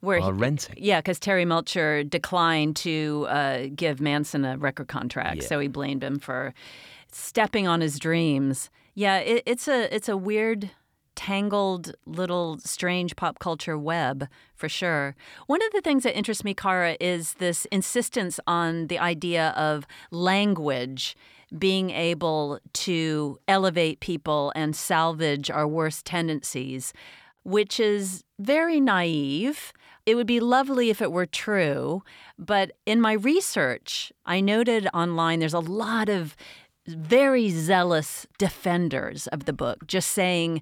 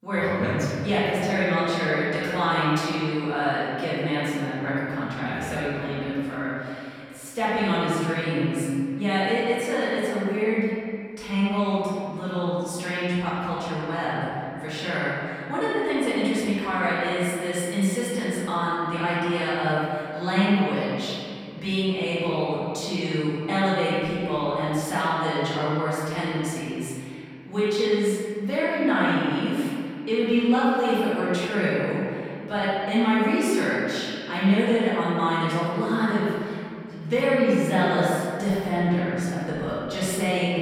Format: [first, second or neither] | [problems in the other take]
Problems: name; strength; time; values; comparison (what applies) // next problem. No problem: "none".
first | room echo; strong; dies away in 2.3 s // off-mic speech; far